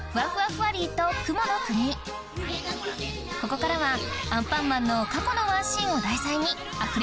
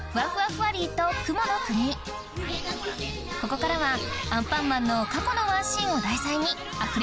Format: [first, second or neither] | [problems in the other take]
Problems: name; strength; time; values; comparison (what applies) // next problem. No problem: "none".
first | background sound (Bird); 18 dB below the speech